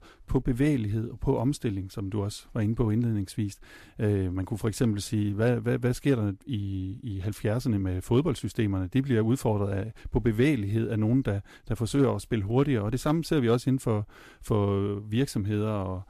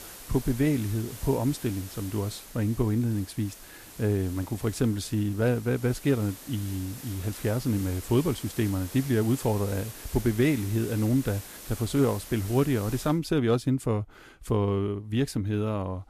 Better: first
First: none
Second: hiss; noticeable; until 13 s; 15 dB below the speech

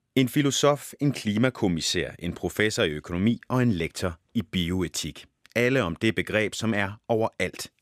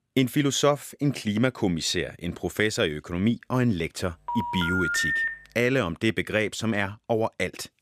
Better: first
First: none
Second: phone ringing; loud; from 4.5 to 5.5 s; peak 2 dB above the speech

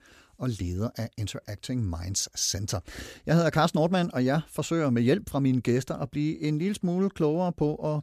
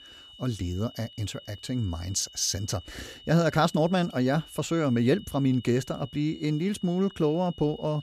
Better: first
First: none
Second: high-pitched whine; noticeable; throughout; 3 kHz, 20 dB below the speech

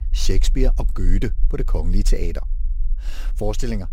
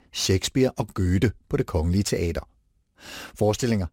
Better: second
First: low rumble; faint; throughout; 20 dB below the speech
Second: none

